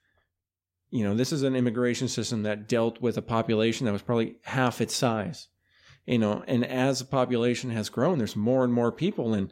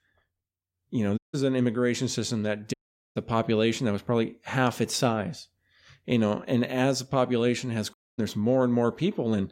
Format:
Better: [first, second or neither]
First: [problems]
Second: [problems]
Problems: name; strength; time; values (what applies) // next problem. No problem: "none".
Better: first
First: none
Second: audio cutting out; at 1 s, at 2.5 s and at 8 s